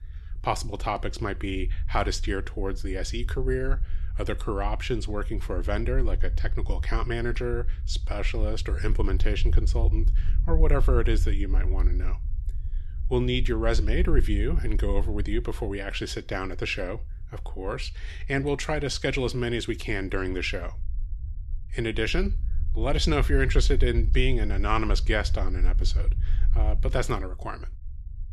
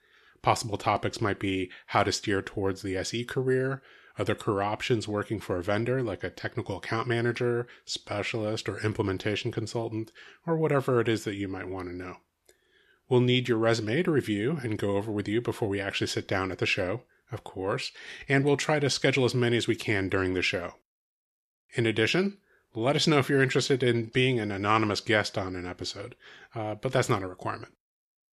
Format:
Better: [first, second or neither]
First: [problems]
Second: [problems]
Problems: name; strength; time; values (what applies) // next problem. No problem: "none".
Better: second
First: low rumble; faint; throughout; 20 dB below the speech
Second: none